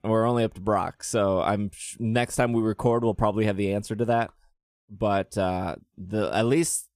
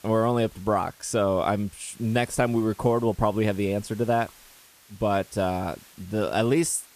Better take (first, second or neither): first